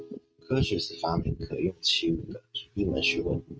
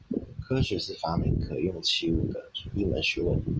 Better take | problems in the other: second | noise reduction (neural mask model RNNoise)

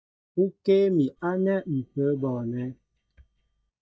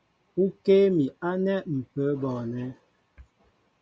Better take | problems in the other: second | noise reduction (neural mask model DeepFilterNet 3)

